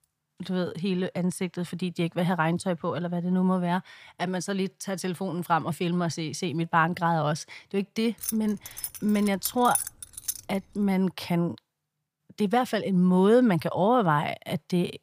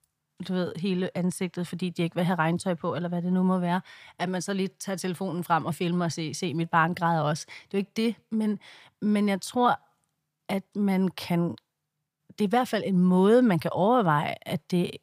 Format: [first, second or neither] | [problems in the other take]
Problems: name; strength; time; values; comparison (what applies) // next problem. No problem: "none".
second | jangling keys; noticeable; from 8 to 10 s; peak 1 dB below the speech